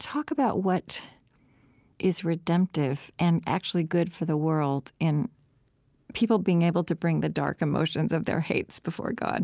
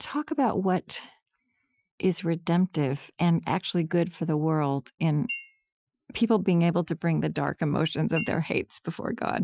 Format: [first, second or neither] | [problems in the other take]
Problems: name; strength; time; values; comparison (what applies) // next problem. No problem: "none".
first | noise reduction (classical method Wiener filter)